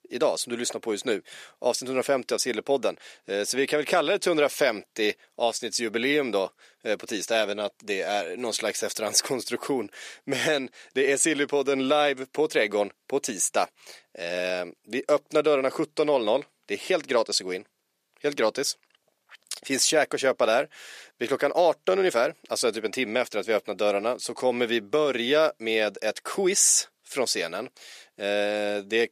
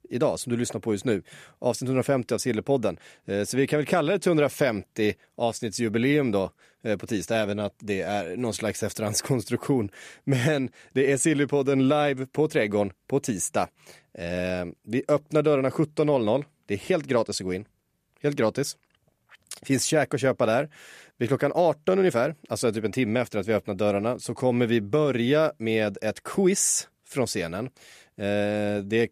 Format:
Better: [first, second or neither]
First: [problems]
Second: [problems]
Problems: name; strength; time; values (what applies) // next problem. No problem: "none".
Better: second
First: thin; somewhat; fading below 400 Hz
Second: none